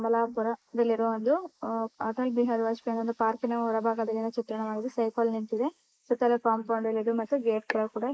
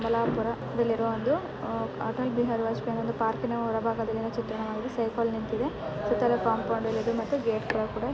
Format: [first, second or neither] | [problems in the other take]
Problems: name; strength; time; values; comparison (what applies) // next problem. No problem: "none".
second | noise reduction (neural mask model Resemble Enhance denoiser)